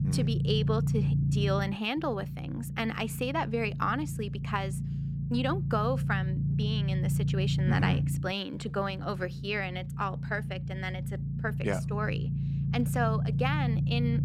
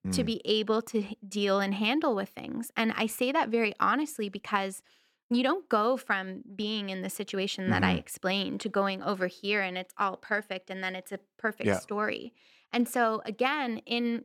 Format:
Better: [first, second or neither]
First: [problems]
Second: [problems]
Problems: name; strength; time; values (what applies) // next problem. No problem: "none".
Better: second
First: low rumble; loud; throughout; 9 dB below the speech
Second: none